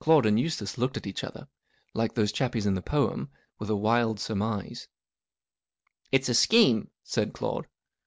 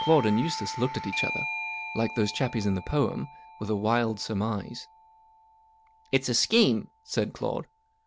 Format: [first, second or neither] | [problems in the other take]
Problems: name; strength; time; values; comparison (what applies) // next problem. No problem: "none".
first | background sound (Doorbell); 10 dB below the speech